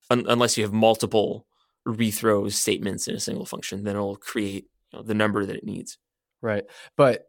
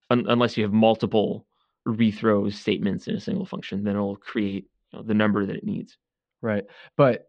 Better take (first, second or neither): first